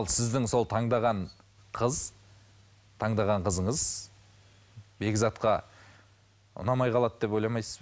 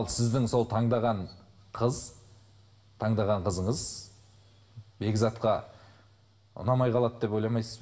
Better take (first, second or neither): first